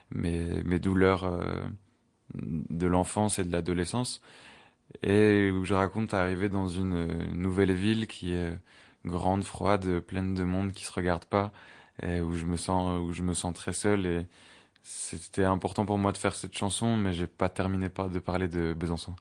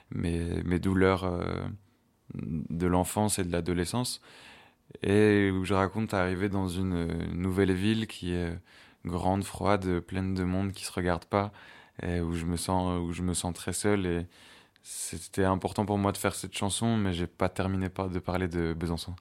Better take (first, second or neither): second